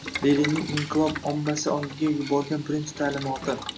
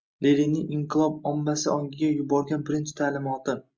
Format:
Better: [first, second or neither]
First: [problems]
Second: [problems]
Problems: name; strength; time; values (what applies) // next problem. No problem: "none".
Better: second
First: background sound (Boiling); 10 dB below the speech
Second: none